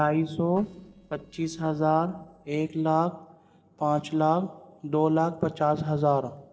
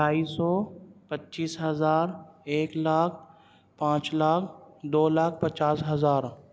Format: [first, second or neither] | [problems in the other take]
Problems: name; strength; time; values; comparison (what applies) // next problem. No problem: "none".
second | noise reduction (neural separator model SepFormer DNS4)